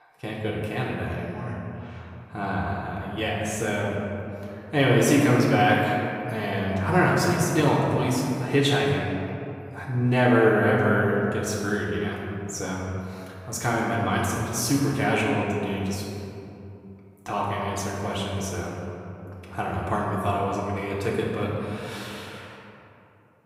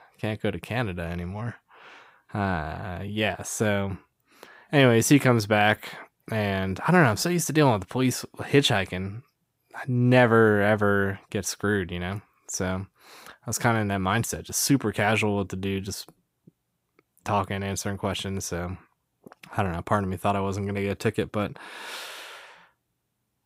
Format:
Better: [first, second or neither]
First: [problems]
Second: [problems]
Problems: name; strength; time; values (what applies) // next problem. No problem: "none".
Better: second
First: room echo; noticeable; dies away in 2.5 s // off-mic speech; far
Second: none